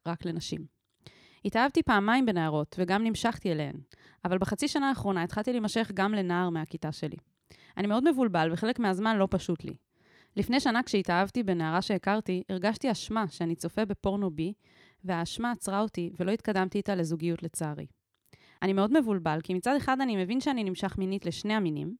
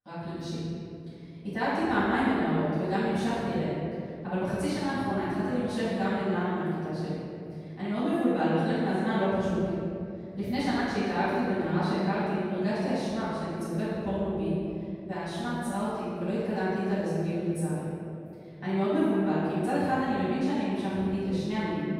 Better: first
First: none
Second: off-mic speech; far // room echo; strong; dies away in 3 s

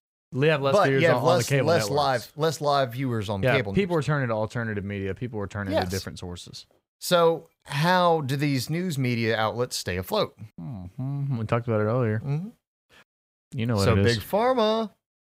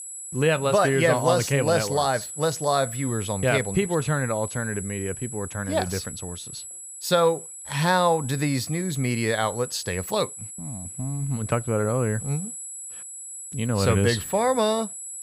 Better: first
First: none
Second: high-pitched whine; noticeable; throughout; 8 kHz, 10 dB below the speech

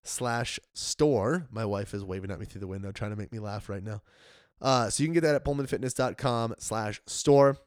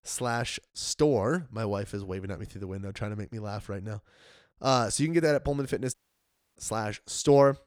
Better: first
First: none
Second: audio cutting out; at 6 s for 0.5 s

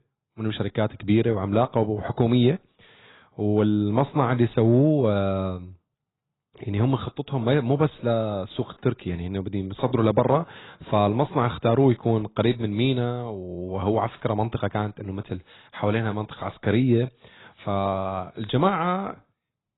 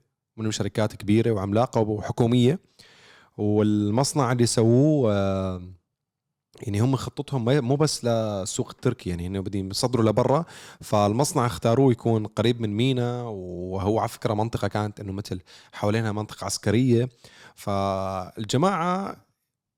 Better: second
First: garbled, watery; badly; nothing above 4 kHz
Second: none

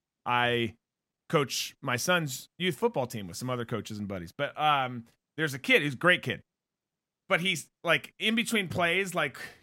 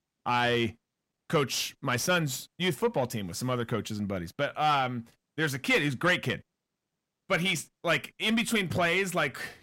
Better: first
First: none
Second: distortion; slight; 10 dB below the speech

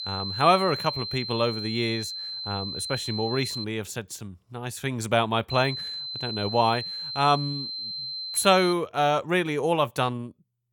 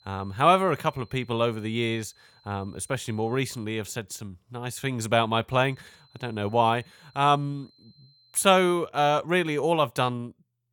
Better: second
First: high-pitched whine; loud; until 3.5 s and from 5.5 to 8.5 s; 4 kHz, 6 dB below the speech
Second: high-pitched whine; faint; until 3.5 s and from 5.5 to 8.5 s; 4 kHz, 35 dB below the speech

